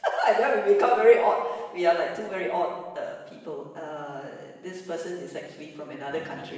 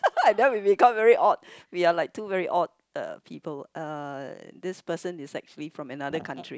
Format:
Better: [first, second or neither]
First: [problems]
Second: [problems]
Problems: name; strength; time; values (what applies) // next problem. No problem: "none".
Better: second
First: room echo; dies away in 1 s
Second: none